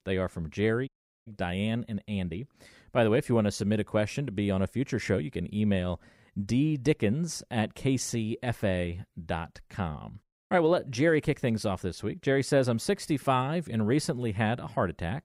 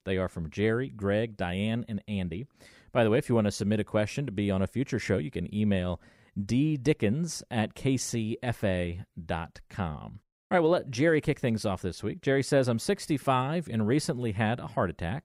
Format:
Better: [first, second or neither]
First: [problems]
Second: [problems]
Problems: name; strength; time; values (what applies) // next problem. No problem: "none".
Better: second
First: audio cutting out; at 1 s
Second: none